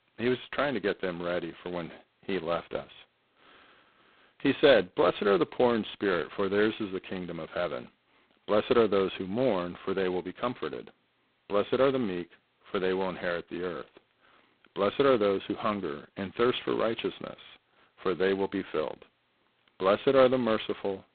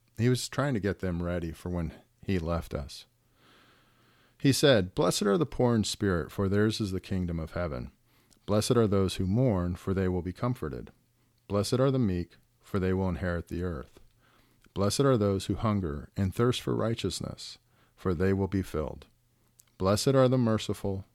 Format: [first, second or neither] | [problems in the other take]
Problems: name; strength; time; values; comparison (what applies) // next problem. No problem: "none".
second | phone-call audio; poor line; nothing above 4 kHz